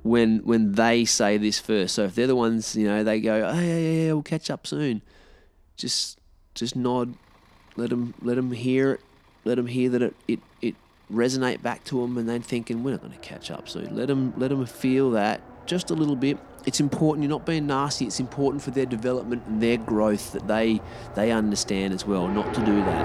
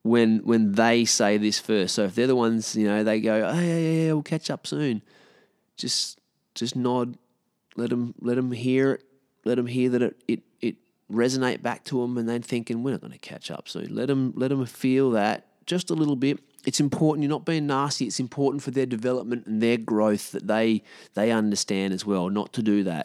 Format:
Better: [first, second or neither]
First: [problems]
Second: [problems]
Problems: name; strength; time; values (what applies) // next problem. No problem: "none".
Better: second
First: traffic noise; noticeable; throughout; 15 dB below the speech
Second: none